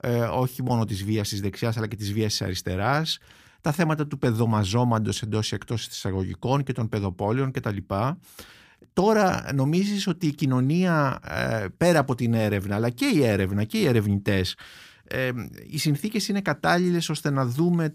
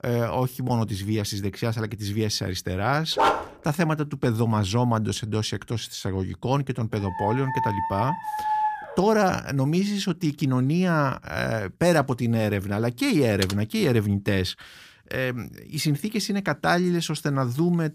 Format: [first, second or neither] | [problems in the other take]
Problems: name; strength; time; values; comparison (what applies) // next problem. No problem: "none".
first | dog barking; loud; at 3 s and from 7 to 9 s; peak 3 dB above the speech // keyboard typing; noticeable; at 13 s; peak 7 dB below the speech